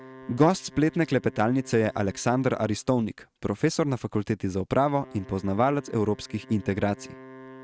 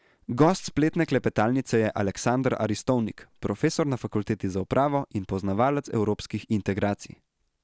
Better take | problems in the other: second | noise reduction (neural mask model RNNoise)

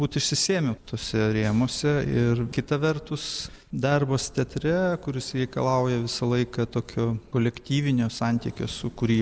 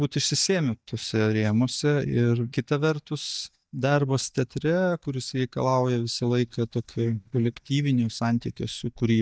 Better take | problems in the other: first | noise reduction (neural mask model DeepFilterNet 3)

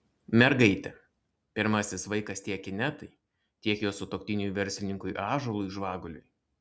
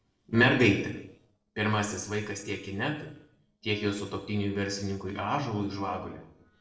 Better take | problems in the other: first | noise reduction (neural separator model SepFormer DNS4)

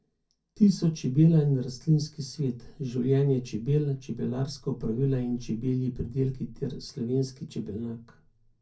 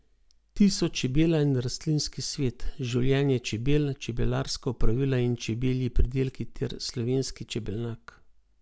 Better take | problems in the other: second | room echo; dies away in 0.3 s

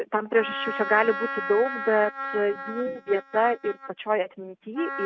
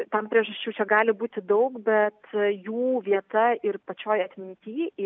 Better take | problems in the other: second | noise reduction (neural mask model RNNoise)

